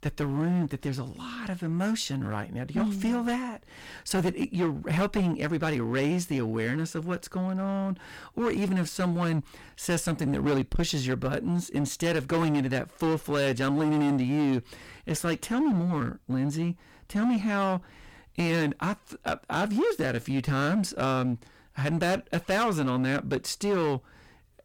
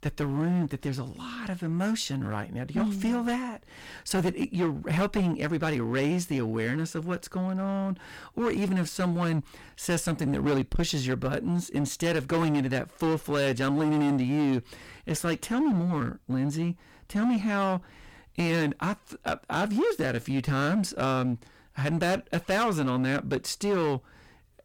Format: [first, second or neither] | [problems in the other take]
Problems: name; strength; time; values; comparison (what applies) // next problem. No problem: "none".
neither | distortion; heavy; 13% of the sound clipped; the same in both